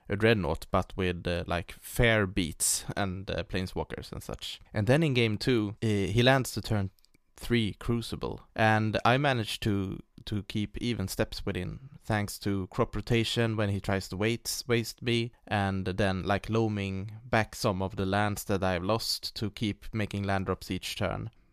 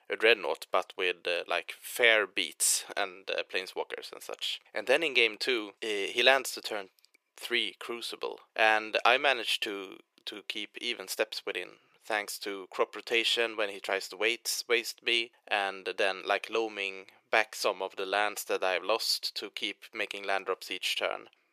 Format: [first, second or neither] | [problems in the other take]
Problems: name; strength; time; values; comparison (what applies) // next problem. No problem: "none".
first | thin; very; fading below 400 Hz